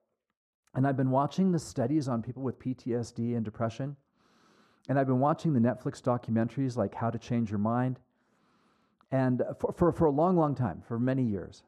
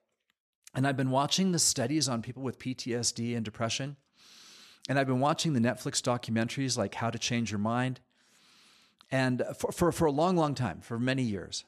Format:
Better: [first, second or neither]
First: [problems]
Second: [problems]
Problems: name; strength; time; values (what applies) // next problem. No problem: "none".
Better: second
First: muffled; very; fading above 1.5 kHz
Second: none